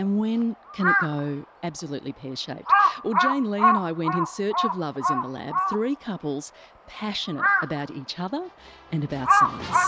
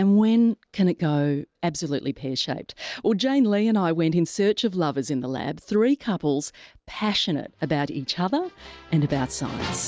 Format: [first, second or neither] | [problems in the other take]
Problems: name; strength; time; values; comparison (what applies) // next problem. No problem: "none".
second | background sound (Crow); 3 dB above the speech